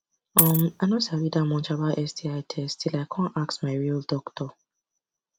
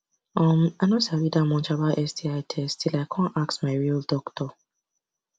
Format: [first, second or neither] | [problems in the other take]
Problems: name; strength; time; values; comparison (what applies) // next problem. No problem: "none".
second | background sound (Coin (dropping)); 4 dB above the speech